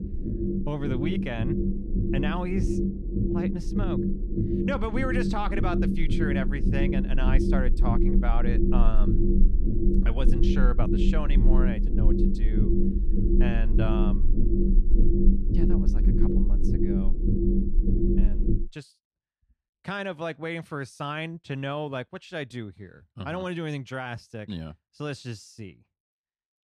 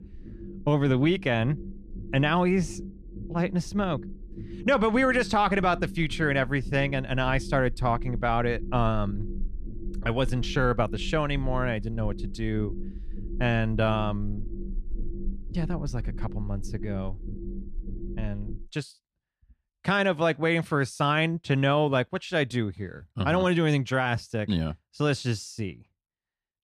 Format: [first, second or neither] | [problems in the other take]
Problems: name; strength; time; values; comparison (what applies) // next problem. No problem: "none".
second | low rumble; loud; until 19 s; as loud as the speech; faint in the second